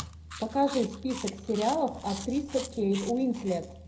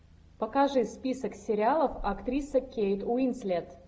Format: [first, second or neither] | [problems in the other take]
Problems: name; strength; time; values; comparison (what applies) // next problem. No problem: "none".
second | background sound (Chewing, mastication); 15 dB below the speech // room echo; dies away in 0.4 s